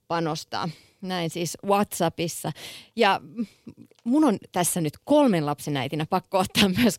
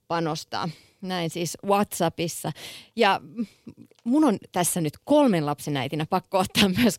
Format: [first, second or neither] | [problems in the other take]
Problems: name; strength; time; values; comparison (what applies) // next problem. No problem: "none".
neither | none